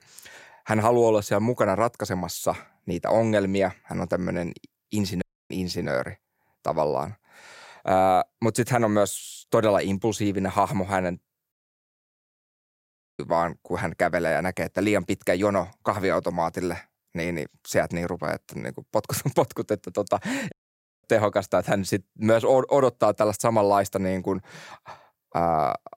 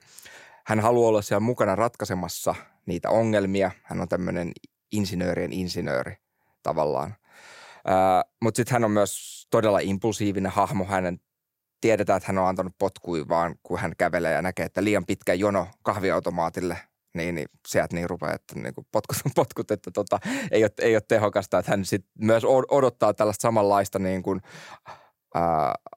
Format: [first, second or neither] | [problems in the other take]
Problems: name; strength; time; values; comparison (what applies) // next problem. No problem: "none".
second | audio cutting out; at 5 s, at 12 s for 1.5 s and at 21 s for 0.5 s